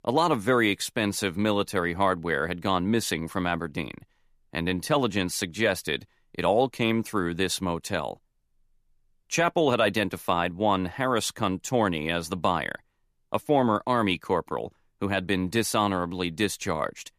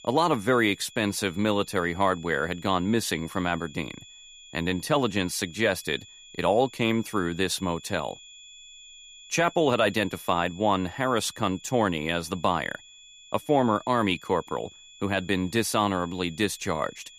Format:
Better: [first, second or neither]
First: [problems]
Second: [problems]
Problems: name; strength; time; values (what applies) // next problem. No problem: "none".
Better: first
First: none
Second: high-pitched whine; faint; throughout; 3.5 kHz, 20 dB below the speech